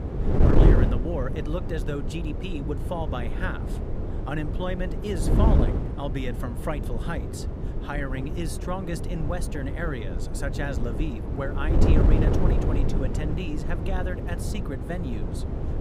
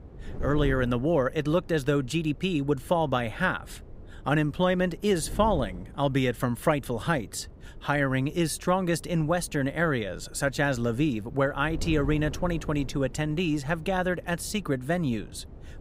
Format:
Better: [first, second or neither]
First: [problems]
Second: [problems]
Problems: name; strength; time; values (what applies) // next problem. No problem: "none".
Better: second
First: wind noise on the microphone; heavy; 1 dB below the speech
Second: wind noise on the microphone; occasional gusts; 25 dB below the speech